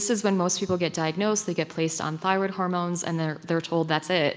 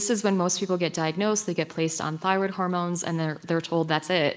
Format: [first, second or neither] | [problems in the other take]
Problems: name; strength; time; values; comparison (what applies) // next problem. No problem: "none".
first | noise reduction (neural mask model Resemble Enhance denoiser)